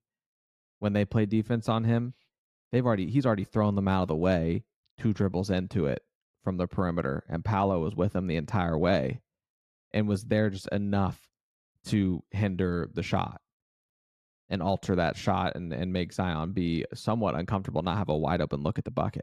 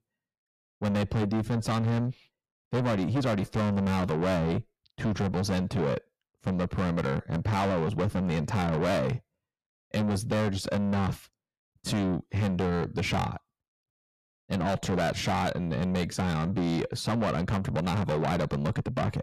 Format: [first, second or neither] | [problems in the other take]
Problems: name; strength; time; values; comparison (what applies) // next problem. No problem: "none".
first | distortion; heavy; 5 dB below the speech